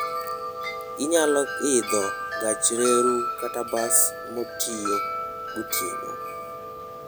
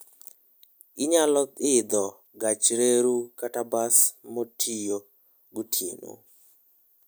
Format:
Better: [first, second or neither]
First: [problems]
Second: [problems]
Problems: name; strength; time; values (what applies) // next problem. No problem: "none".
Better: second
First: background sound (Wind chime); 4 dB below the speech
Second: none